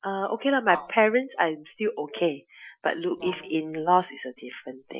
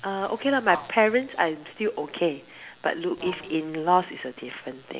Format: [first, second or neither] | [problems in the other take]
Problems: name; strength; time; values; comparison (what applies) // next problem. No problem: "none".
second | noise reduction (classical method Wiener filter)